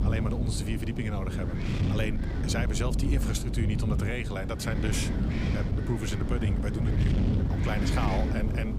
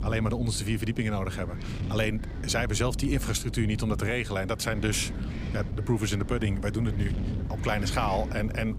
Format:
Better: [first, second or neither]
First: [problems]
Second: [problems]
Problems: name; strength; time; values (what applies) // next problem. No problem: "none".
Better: second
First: wind noise on the microphone; heavy; 2 dB below the speech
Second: wind noise on the microphone; occasional gusts; 15 dB below the speech